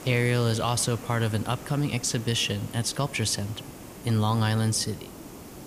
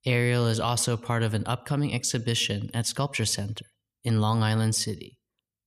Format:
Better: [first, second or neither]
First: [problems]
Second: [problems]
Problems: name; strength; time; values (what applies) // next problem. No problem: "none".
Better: second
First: hiss; noticeable; throughout; 15 dB below the speech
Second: none